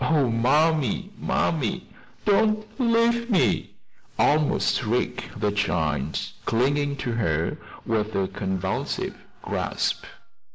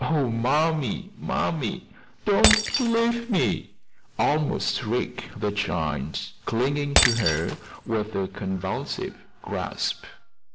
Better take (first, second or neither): first